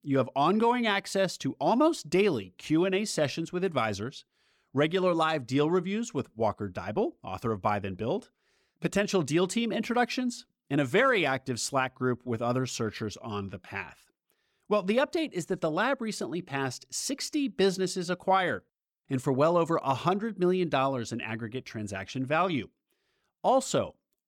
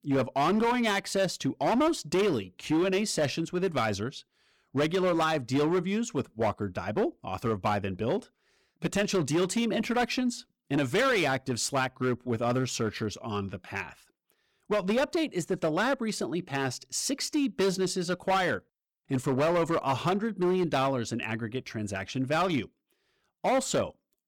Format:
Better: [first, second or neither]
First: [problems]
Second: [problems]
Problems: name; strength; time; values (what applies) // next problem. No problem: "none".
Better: first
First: none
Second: distortion; slight; 9% of the sound clipped